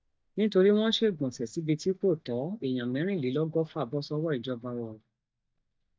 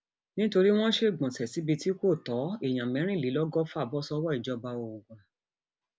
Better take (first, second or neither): second